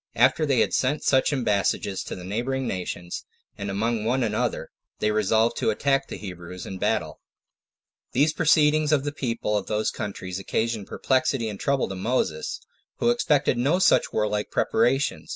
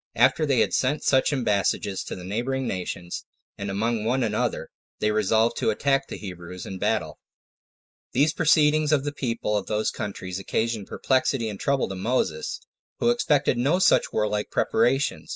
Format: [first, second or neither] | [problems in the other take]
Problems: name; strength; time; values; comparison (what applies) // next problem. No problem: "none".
first | noise reduction (neural mask model Resemble Enhance denoiser)